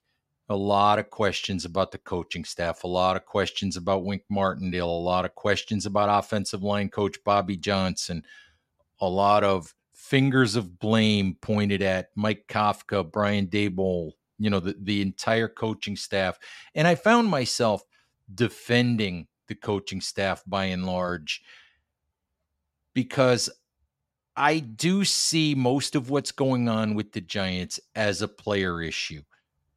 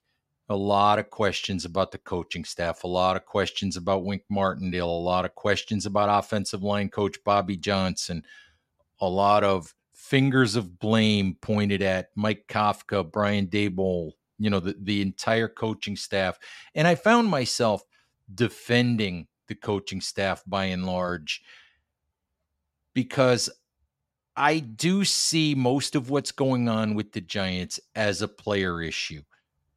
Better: neither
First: none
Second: none

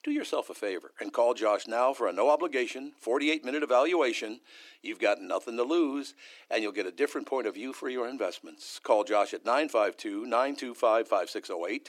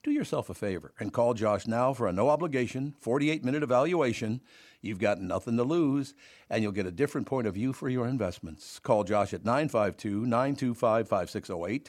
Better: second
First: thin; somewhat; fading below 300 Hz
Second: none

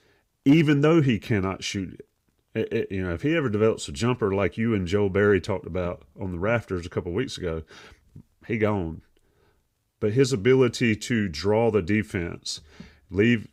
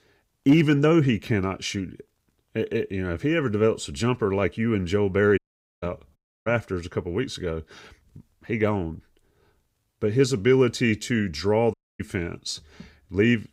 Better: first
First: none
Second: audio cutting out; at 5.5 s, at 6 s and at 12 s

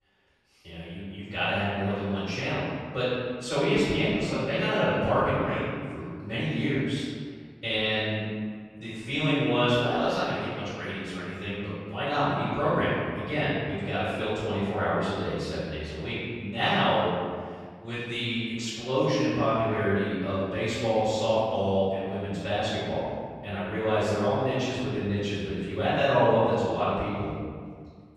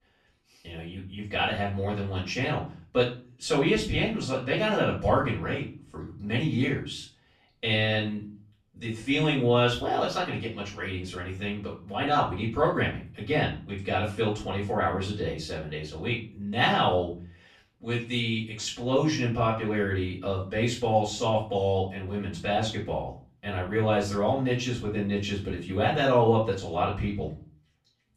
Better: second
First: room echo; strong; dies away in 1.7 s // off-mic speech; far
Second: room echo; slight; dies away in 0.3 s // off-mic speech; far

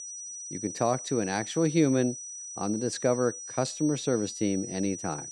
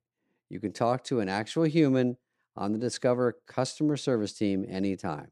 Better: second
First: high-pitched whine; loud; throughout; 6 kHz, 9 dB below the speech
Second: none

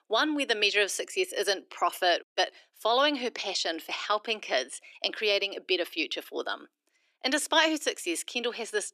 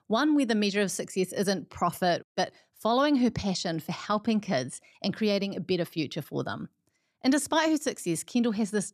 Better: second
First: thin; somewhat; fading below 350 Hz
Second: none

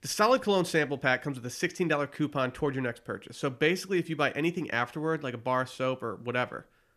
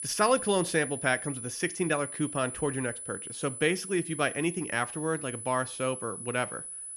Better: first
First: none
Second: high-pitched whine; loud; throughout; 10 kHz, 7 dB below the speech

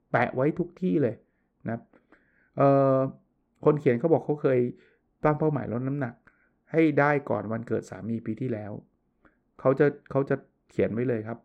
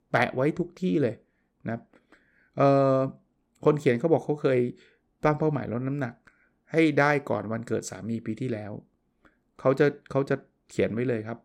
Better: second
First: muffled; slightly; fading above 3 kHz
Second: none

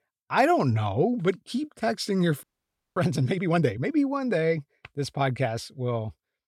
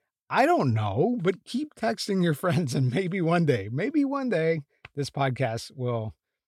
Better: second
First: audio freezing; at 2.5 s for 0.5 s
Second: none

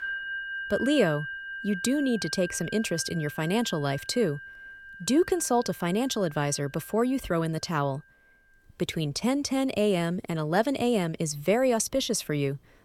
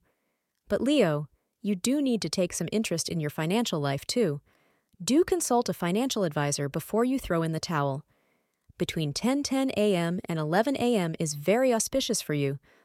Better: second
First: background music; noticeable; throughout; 10 dB below the speech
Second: none

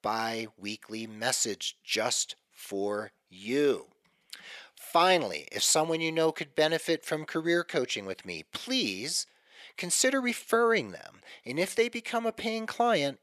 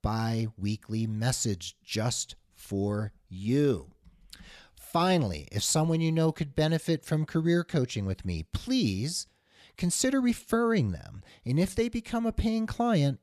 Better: second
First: thin; somewhat; fading below 450 Hz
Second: none

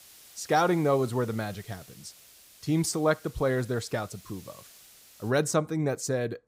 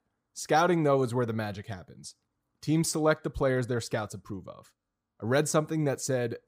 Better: second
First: hiss; faint; until 5.5 s; 25 dB below the speech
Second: none

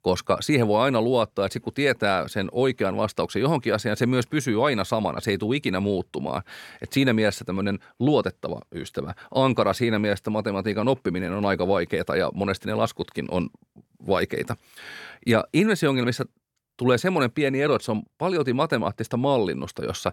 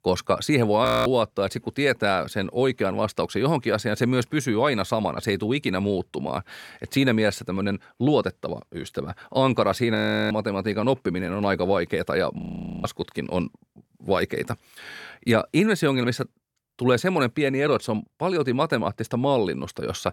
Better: first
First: none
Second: audio freezing; at 1 s, at 10 s and at 12 s

